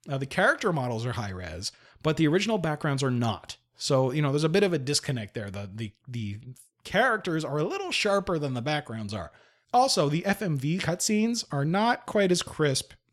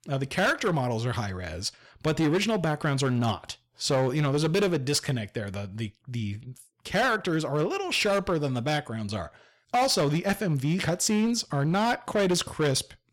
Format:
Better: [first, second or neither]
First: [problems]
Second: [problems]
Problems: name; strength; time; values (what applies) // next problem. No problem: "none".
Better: first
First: none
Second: distortion; slight; 8% of the sound clipped